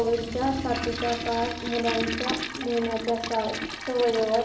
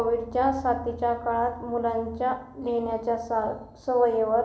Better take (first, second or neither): second